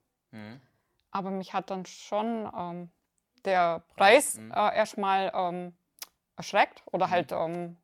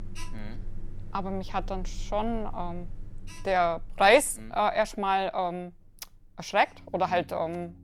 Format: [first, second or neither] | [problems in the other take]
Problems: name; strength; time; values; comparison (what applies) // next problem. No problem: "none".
first | alarms or sirens; noticeable; throughout; 20 dB below the speech